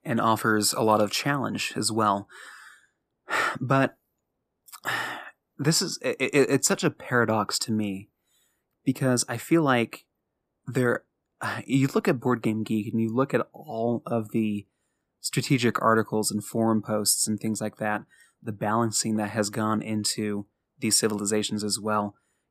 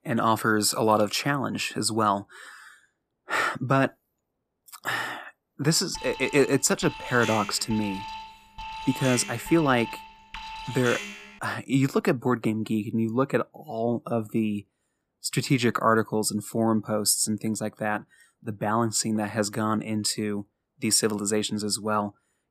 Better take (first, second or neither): first